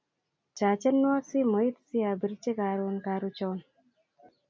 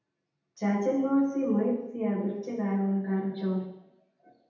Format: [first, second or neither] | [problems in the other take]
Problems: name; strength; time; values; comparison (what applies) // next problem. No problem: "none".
first | room echo; dies away in 0.8 s